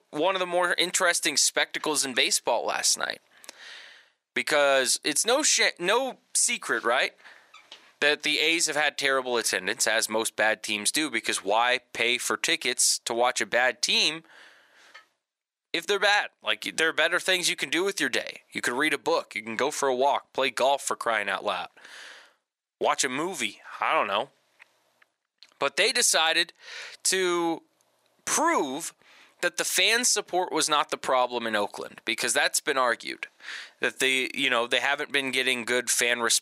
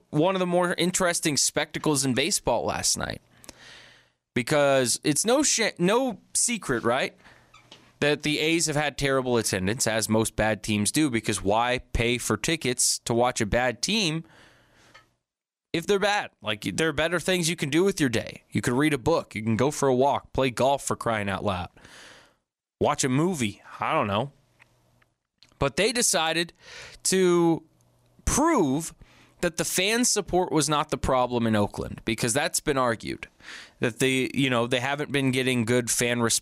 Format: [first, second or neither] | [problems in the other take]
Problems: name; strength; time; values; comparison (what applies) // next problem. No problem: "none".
second | thin; somewhat; fading below 450 Hz